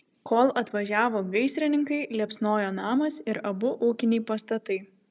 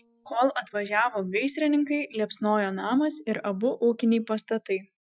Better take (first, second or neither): first